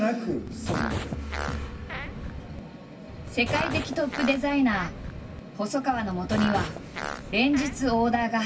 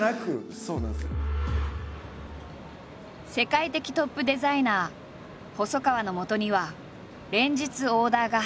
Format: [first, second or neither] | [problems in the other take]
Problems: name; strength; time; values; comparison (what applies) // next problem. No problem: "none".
second | background sound (Fart); 7 dB below the speech // room echo; dies away in 0.2 s